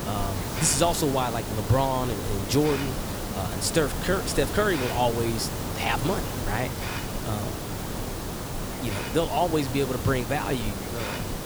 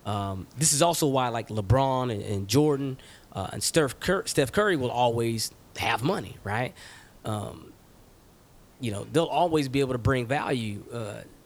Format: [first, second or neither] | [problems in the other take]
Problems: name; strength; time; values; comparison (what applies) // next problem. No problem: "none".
second | hiss; loud; throughout; 4 dB below the speech; faint in the second